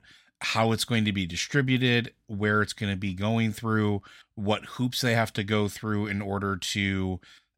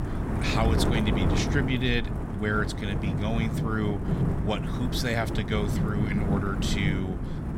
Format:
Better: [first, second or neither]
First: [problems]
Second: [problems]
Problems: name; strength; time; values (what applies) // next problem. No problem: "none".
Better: first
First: none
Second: wind noise on the microphone; heavy; 4 dB below the speech